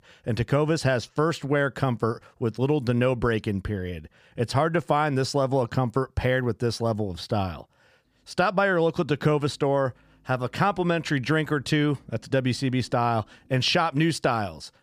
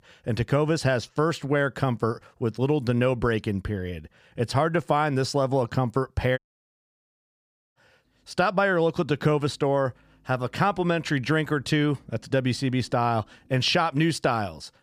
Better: first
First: none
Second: audio cutting out; at 6.5 s for 1.5 s

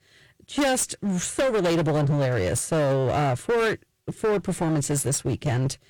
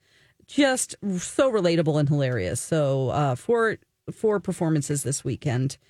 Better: second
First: distortion; heavy; 22% of the sound clipped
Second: none

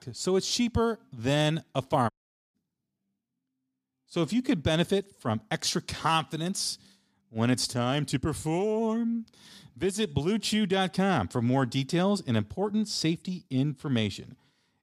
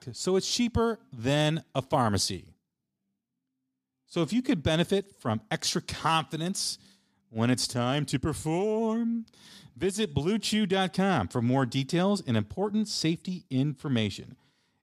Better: second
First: audio cutting out; at 2 s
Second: none

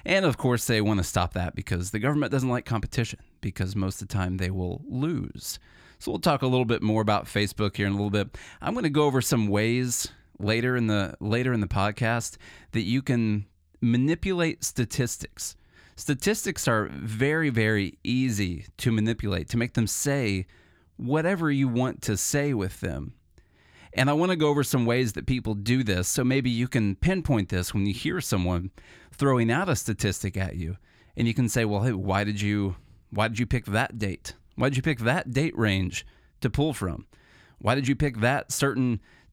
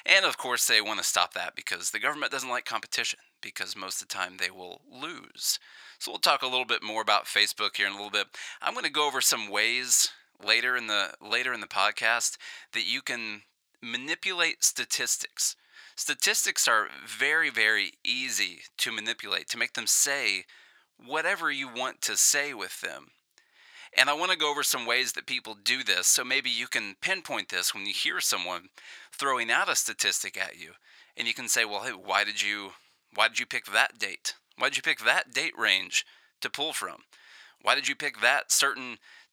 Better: first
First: none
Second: thin; very; fading below 950 Hz

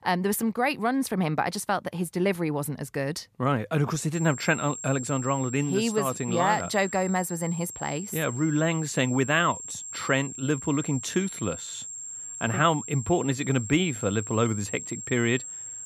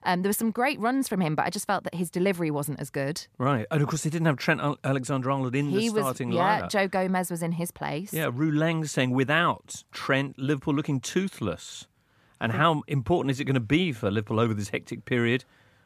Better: second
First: high-pitched whine; loud; from 4 s on; 7.5 kHz, 9 dB below the speech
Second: none

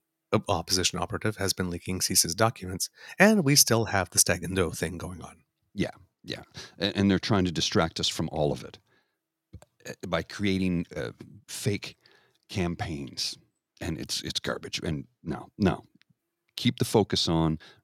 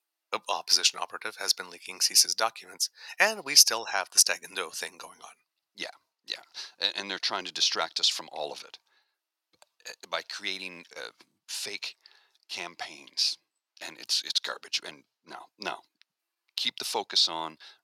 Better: first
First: none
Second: thin; very; fading below 750 Hz

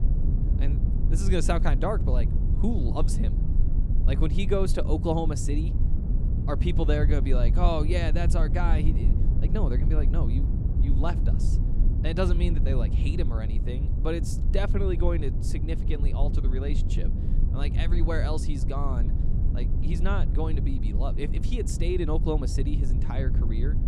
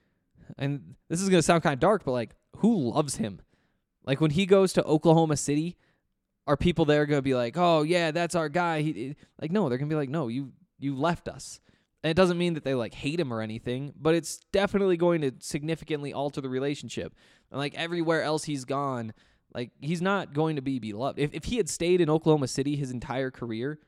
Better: second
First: low rumble; loud; throughout; 8 dB below the speech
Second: none

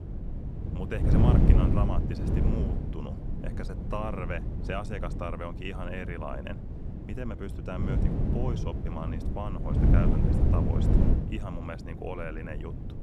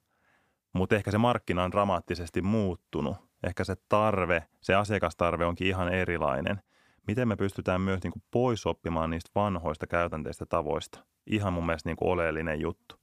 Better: second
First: wind noise on the microphone; heavy; as loud as the speech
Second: none

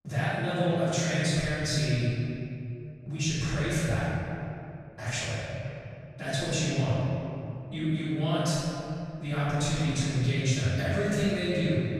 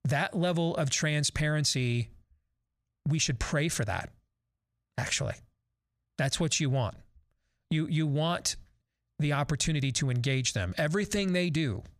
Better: second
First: room echo; strong; dies away in 2.6 s // off-mic speech; far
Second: none

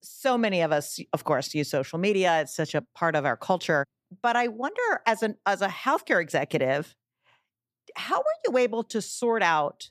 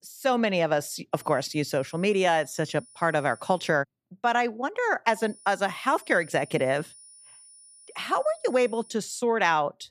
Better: first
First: none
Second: high-pitched whine; faint; from 1 to 3.5 s and from 5 to 9 s; 9.5 kHz, 25 dB below the speech

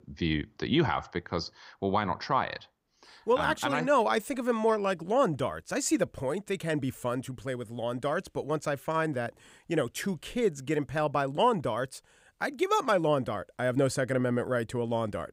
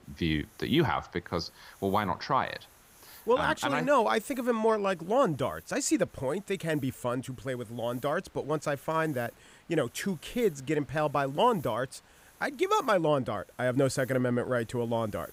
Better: first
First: none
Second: hiss; faint; throughout; 25 dB below the speech

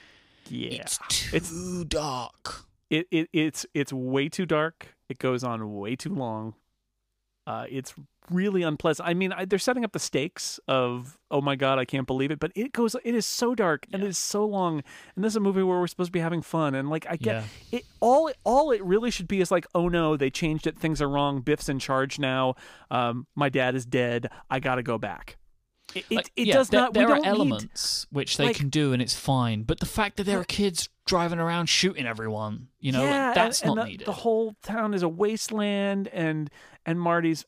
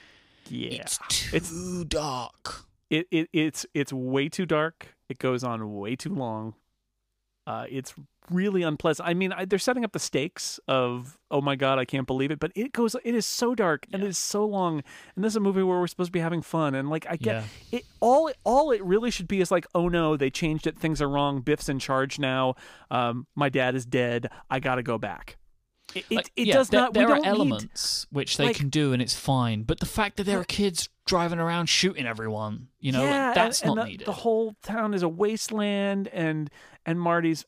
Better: neither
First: none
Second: none

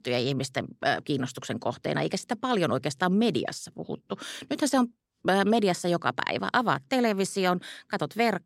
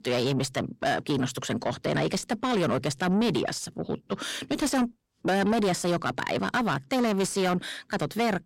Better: first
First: none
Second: distortion; heavy; 8 dB below the speech

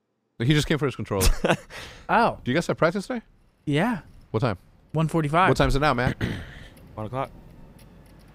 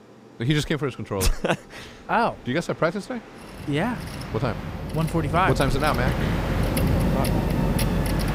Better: first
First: train or aircraft noise; faint; throughout; 30 dB below the speech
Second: train or aircraft noise; loud; throughout; 1 dB below the speech

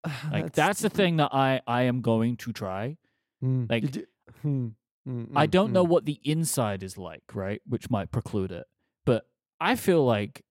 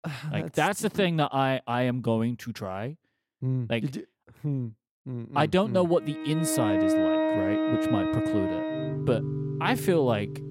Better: first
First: none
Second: background music; loud; from 6 s on; as loud as the speech

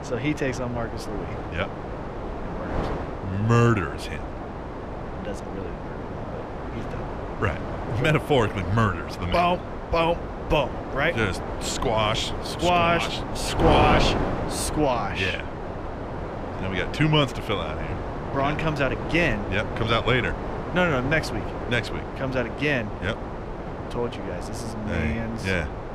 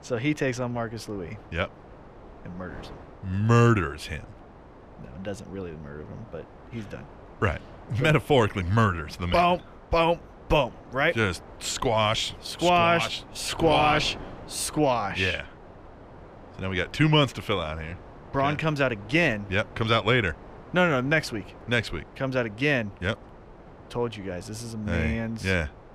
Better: second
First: wind noise on the microphone; heavy; 7 dB below the speech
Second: wind noise on the microphone; occasional gusts; 20 dB below the speech

